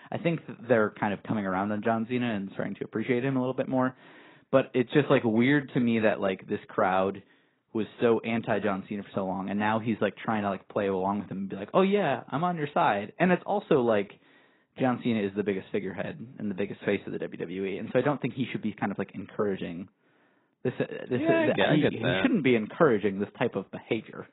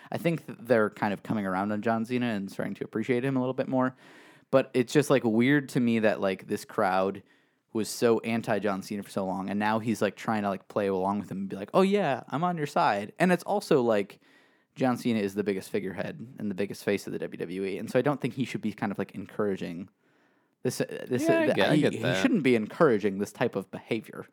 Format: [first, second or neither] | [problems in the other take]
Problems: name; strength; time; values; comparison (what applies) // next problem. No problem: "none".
second | garbled, watery; badly; nothing above 4 kHz